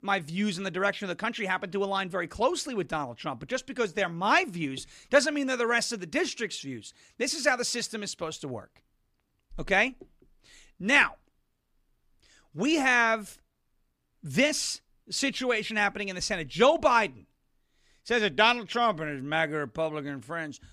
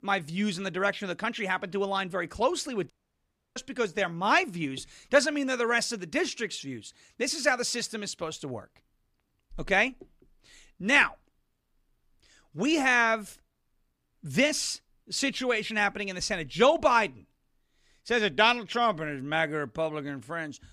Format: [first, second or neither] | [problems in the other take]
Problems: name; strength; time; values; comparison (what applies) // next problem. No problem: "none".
first | audio cutting out; at 3 s for 0.5 s